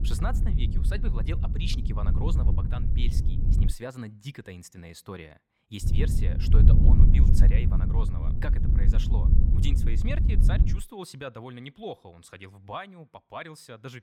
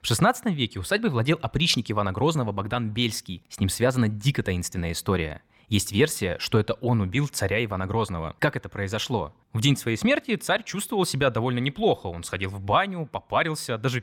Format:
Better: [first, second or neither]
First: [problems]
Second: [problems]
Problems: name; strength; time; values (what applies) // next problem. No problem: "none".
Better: second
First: wind noise on the microphone; heavy; until 3.5 s and from 6 to 11 s; 1 dB below the speech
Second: none